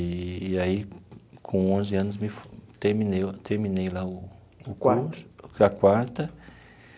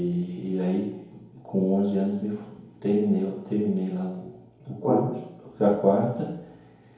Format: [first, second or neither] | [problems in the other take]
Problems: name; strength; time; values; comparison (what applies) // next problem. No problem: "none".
first | room echo; dies away in 2.2 s